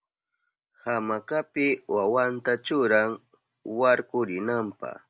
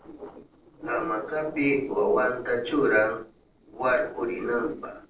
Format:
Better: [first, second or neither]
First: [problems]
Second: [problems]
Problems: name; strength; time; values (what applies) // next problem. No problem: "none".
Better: first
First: none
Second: noise reduction (neural separator model SepFormer DNS4)